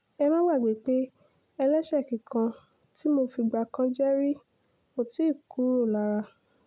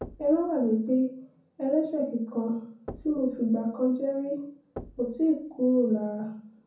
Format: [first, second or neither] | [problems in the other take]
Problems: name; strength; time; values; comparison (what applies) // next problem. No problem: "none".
first | background sound (Knock); 20 dB below the speech // room echo; dies away in 0.5 s